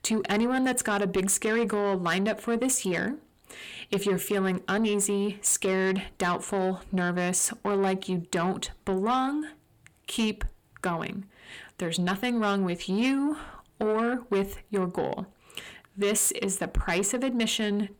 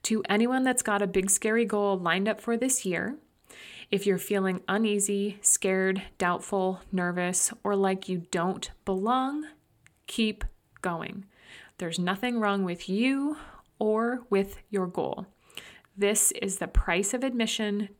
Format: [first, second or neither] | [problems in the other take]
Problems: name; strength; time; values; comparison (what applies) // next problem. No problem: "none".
second | distortion; slight; 10 dB below the speech